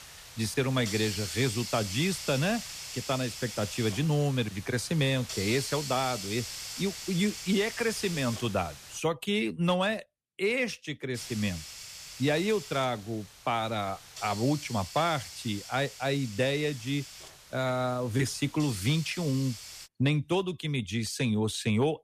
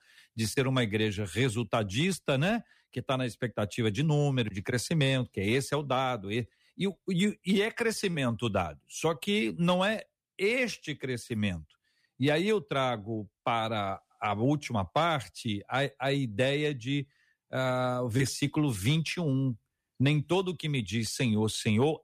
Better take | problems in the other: second | hiss; loud; until 9 s and from 11 to 20 s; 9 dB below the speech

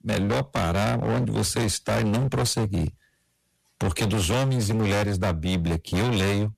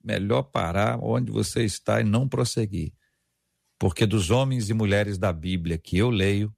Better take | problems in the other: second | distortion; heavy; 34% of the sound clipped

